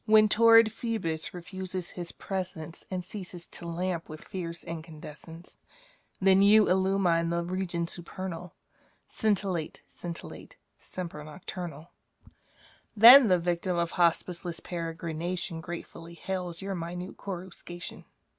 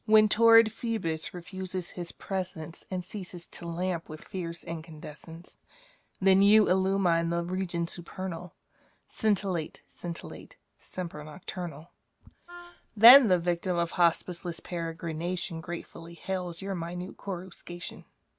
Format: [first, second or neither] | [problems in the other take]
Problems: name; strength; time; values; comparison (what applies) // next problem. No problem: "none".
first | background sound (Wind instrument, woodwind instrument); 18 dB below the speech